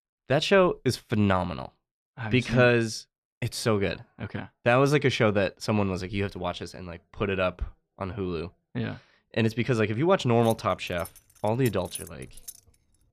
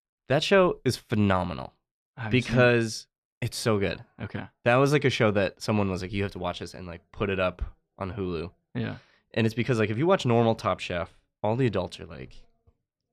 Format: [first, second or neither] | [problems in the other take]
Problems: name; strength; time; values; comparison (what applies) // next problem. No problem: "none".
second | jangling keys; faint; from 10 to 13 s; peak 10 dB below the speech